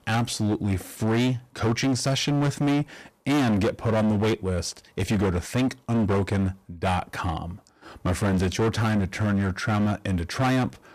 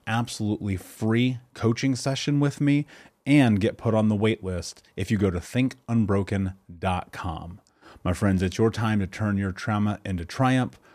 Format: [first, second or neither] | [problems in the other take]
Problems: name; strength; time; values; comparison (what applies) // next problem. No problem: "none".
second | distortion; heavy; 20% of the sound clipped